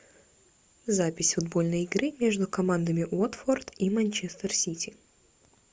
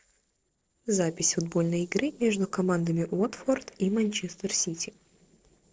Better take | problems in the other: first | noise reduction (neural separator model SepFormer DNS4)

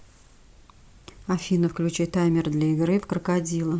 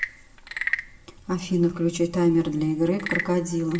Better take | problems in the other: first | background sound (Wood / Percussion / Frog); 10 dB below the speech // room echo; dies away in 1 s

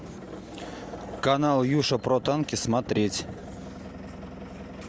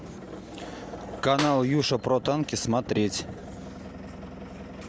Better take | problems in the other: first | background sound (Clapping); 13 dB below the speech

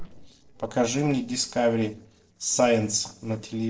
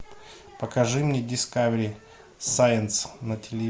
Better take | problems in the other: second | noise reduction (neural separator model SepFormer DNS4)

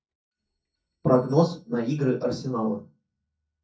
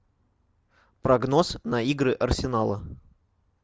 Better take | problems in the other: second | noise reduction (neural mask model DeepFilterNet 3)

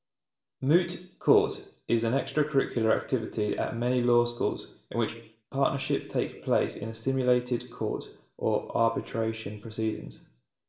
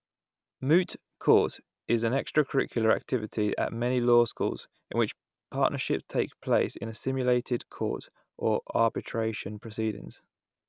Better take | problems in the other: second | room echo; dies away in 0.5 s

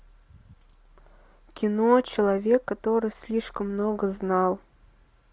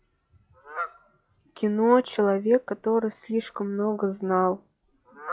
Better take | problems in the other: first | noise reduction (classical method log-MMSE)

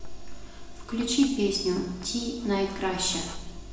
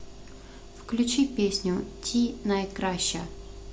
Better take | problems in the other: second | background sound (Writing); 17 dB below the speech // room echo; dies away in 0.9 s

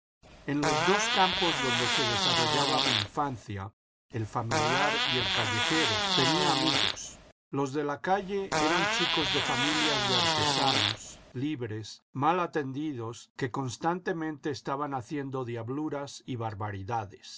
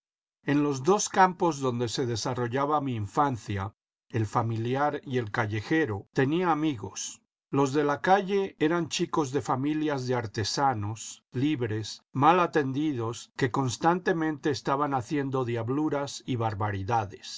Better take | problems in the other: second | background sound (Fart); 4 dB above the speech

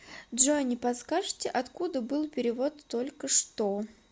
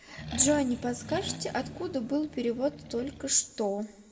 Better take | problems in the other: first | background sound (Accelerating, revving, vroom); 12 dB below the speech // room echo; dies away in 0.7 s

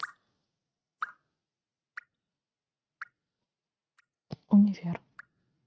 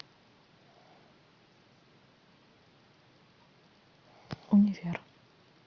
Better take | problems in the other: second | noise reduction (neural mask model RNNoise)

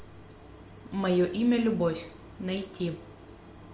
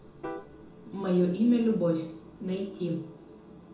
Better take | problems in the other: first | background sound (Piano); 17 dB below the speech // room echo; dies away in 0.6 s

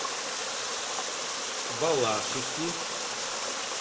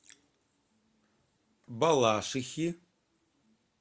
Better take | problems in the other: second | background sound (Water); 3 dB above the speech // room echo; dies away in 1 s

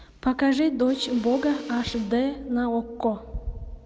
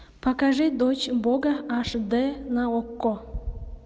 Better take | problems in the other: second | background sound (Mechanisms); 20 dB below the speech

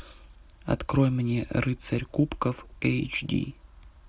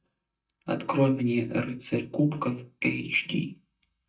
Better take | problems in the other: first | noise reduction (neural mask model DeepFilterNet 3)

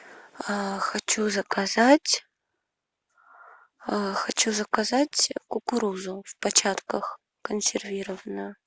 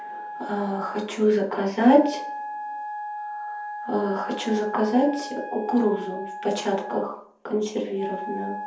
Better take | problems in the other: first | background sound (Wind instrument, woodwind instrument); 10 dB below the speech // room echo; dies away in 0.5 s

